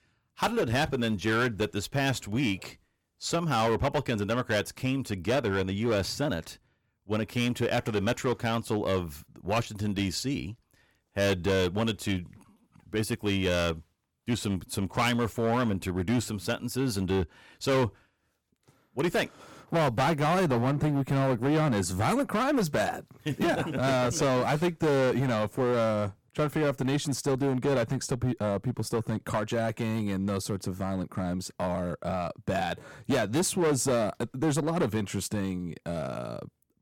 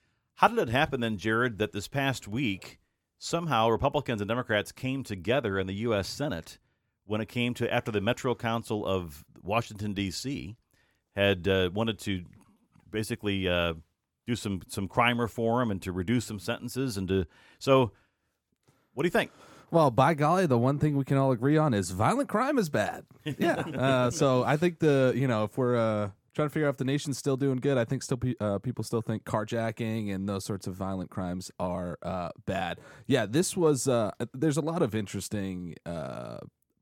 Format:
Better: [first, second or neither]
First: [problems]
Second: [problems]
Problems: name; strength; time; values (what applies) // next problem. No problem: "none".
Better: second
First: distortion; heavy; 11% of the sound clipped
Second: none